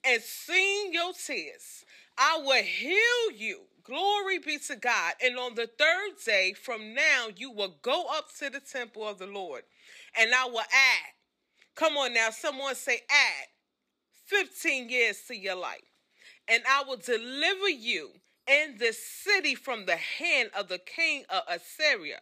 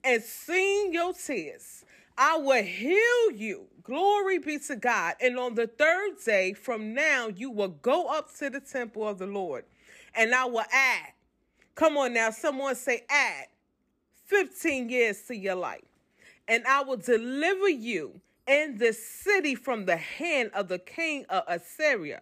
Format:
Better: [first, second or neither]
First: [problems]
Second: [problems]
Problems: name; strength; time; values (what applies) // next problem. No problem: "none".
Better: second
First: thin; very slightly; fading below 600 Hz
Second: none